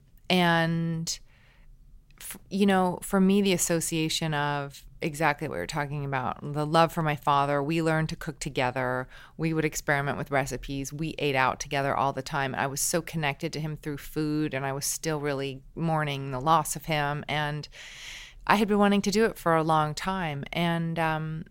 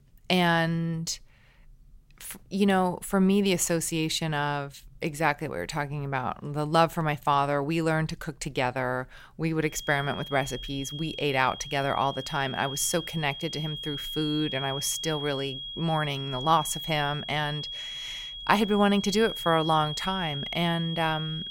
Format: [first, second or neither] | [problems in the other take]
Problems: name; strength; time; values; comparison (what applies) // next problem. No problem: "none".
first | high-pitched whine; loud; from 10 s on; 3.5 kHz, 8 dB below the speech